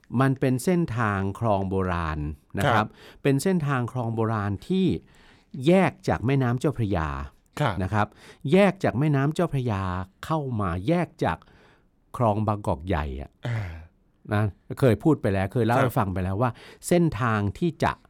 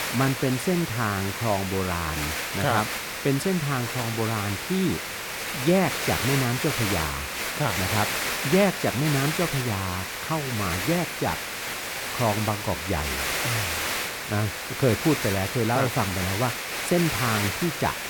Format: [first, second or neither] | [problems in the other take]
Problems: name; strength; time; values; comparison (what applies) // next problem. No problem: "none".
first | hiss; loud; throughout; 2 dB below the speech